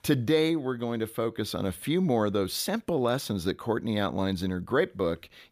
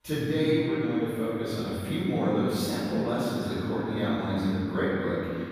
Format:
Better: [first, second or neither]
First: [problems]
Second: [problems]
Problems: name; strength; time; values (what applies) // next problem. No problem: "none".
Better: first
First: none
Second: off-mic speech; far // room echo; strong; dies away in 2.7 s